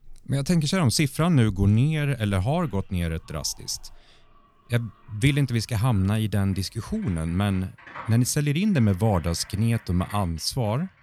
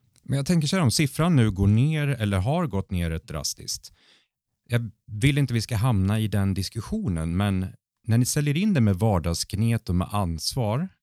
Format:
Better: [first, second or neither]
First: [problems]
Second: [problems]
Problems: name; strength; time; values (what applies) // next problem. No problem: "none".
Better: second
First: household noises; faint; throughout; 25 dB below the speech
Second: none